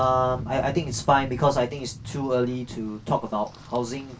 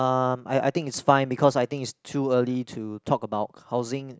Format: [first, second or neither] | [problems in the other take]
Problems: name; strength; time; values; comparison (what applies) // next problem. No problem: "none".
second | background sound (Rain); 13 dB below the speech // room echo; dies away in 0.2 s